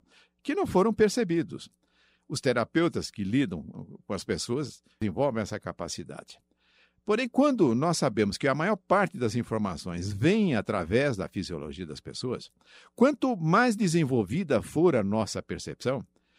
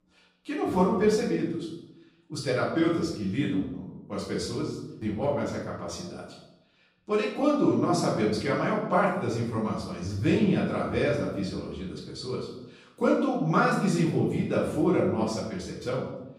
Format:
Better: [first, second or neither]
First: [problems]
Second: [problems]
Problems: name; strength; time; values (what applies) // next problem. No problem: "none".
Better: first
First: none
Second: off-mic speech; far // room echo; noticeable; dies away in 0.8 s